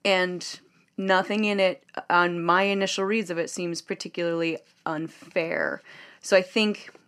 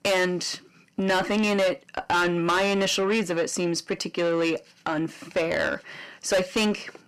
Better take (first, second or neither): first